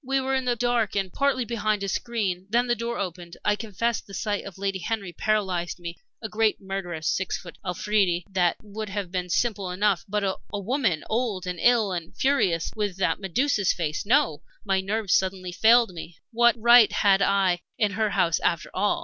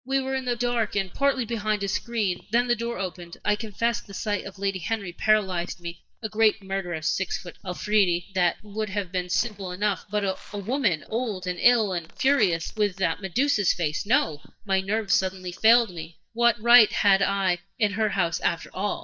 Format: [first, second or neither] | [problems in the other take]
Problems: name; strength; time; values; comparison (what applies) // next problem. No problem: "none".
first | noise reduction (neural mask model DeepFilterNet 3)